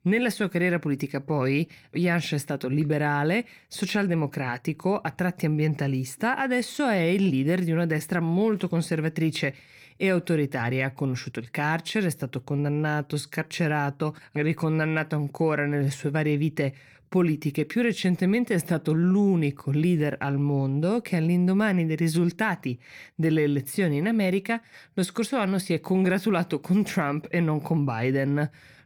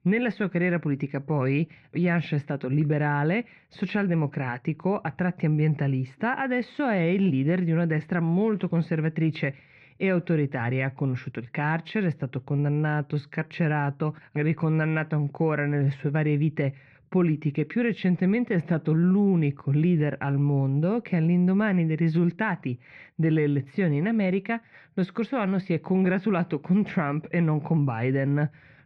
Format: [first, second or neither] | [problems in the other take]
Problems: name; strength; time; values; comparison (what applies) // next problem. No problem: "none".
first | muffled; slightly; fading above 3 kHz